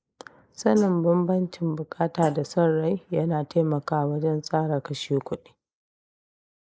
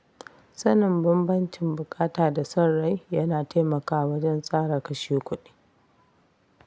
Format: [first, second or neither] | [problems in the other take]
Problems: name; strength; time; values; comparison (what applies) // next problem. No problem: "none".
second | noise reduction (neural mask model Resemble Enhance denoiser)